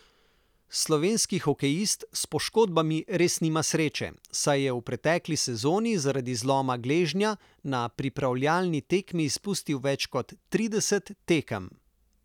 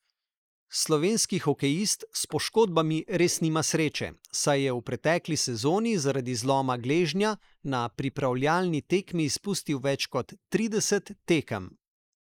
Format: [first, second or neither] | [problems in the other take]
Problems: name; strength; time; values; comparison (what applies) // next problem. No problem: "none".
first | noise reduction (neural mask model Resemble Enhance denoiser)